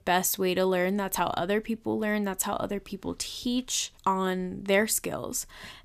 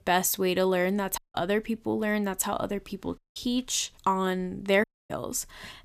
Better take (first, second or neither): first